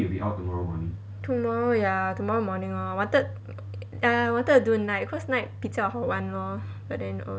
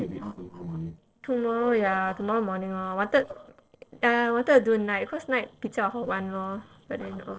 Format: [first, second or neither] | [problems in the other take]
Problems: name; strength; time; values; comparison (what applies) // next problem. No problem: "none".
first | noise reduction (neural separator model SepFormer DNS4)